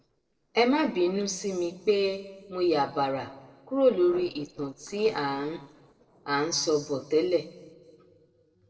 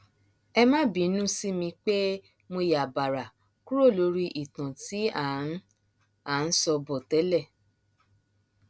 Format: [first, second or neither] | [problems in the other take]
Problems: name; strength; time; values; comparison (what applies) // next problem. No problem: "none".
second | noise reduction (neural separator model SepFormer DNS4)